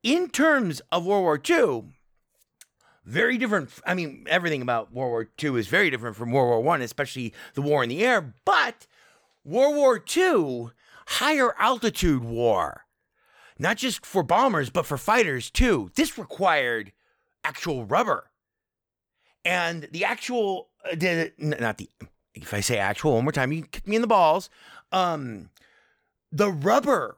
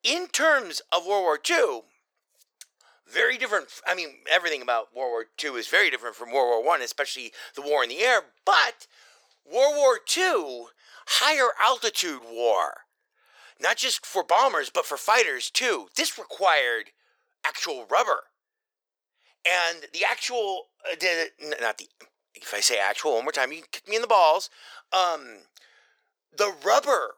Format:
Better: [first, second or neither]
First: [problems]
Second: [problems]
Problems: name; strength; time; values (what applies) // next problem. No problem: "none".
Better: first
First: none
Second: thin; very; fading below 450 Hz